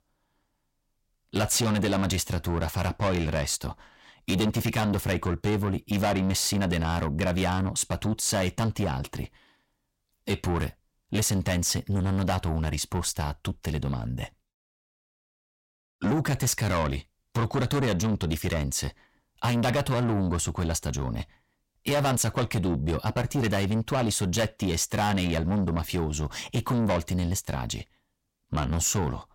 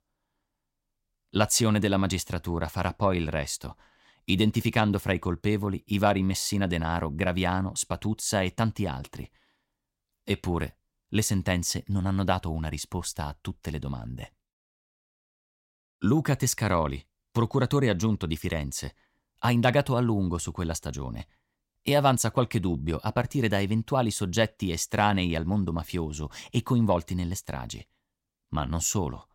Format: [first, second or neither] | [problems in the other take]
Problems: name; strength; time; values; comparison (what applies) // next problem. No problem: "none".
second | distortion; heavy; 6 dB below the speech